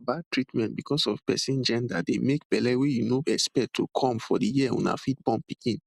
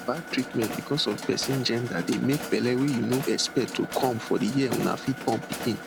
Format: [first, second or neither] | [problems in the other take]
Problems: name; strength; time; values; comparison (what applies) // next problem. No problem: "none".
first | background sound (Mechanisms); 10 dB below the speech